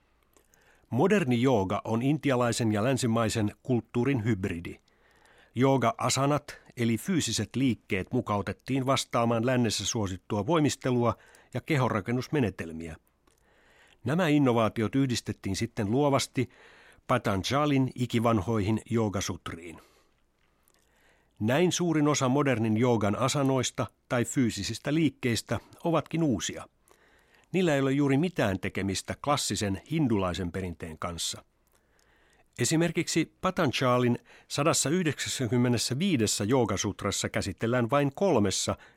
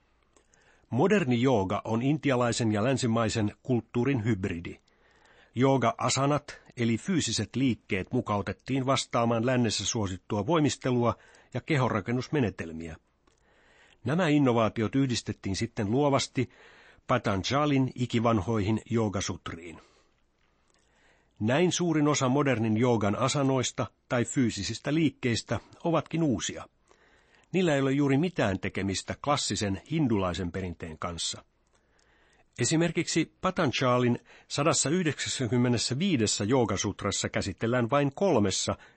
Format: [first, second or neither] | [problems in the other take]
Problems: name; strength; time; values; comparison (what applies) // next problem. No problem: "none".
first | garbled, watery; slightly; nothing above 8 kHz